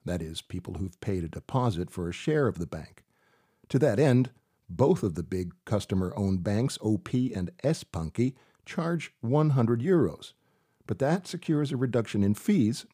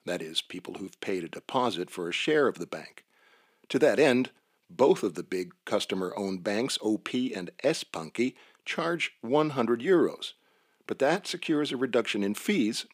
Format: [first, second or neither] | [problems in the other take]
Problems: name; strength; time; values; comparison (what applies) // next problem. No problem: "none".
first | thin; somewhat; fading below 250 Hz